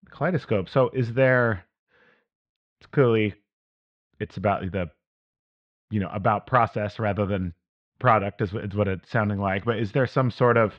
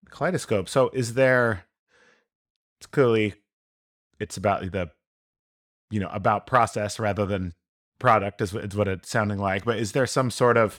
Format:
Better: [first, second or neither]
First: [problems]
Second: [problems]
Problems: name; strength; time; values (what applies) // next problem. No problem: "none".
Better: second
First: muffled; slightly; fading above 3.5 kHz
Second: none